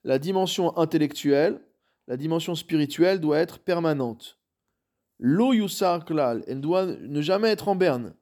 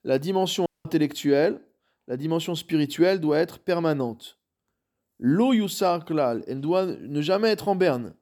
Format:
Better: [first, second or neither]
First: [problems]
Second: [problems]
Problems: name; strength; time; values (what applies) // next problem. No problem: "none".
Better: first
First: none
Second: audio cutting out; at 0.5 s